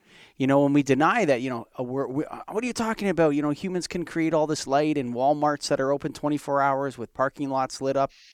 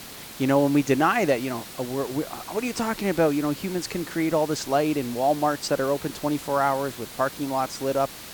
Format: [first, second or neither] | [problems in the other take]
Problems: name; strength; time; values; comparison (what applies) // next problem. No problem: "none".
first | hiss; noticeable; throughout; 15 dB below the speech